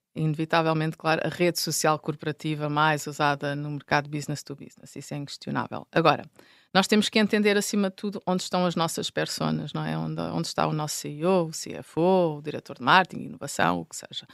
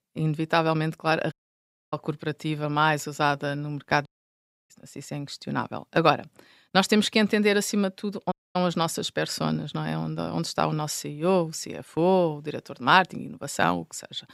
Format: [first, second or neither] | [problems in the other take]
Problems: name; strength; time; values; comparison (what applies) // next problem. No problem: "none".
first | audio cutting out; at 1.5 s for 0.5 s, at 4 s for 0.5 s and at 8.5 s